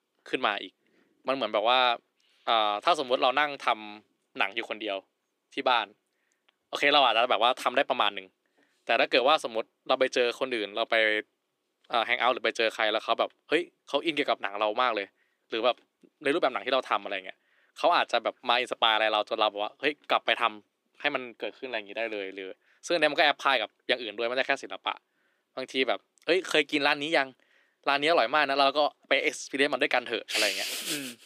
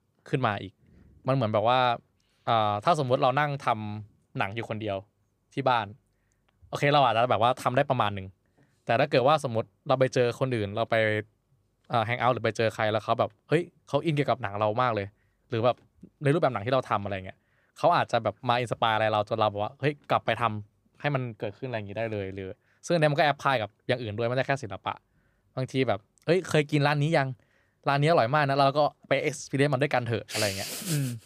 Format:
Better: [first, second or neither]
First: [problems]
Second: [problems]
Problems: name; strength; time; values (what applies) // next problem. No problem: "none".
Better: second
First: thin; somewhat; fading below 300 Hz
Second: none